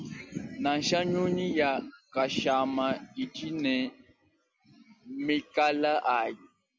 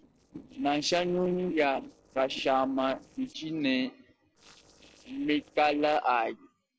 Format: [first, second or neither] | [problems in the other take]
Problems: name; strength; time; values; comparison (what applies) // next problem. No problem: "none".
first | noise reduction (neural separator model SepFormer DNS4)